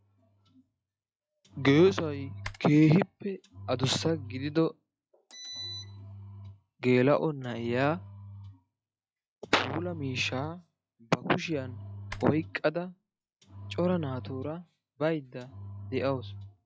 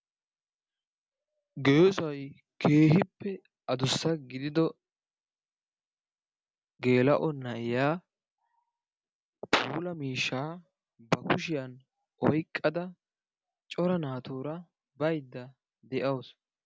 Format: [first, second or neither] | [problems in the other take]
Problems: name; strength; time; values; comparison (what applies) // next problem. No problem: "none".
second | noise reduction (classical method log-MMSE)